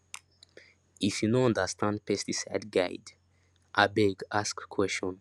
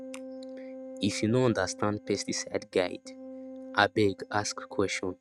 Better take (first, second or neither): first